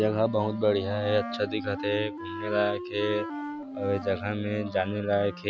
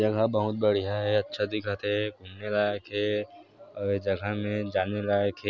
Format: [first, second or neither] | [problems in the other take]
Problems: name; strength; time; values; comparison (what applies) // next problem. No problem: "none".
second | background sound (Wind instrument, woodwind instrument); 9 dB below the speech